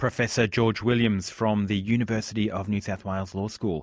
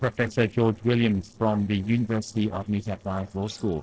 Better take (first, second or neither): first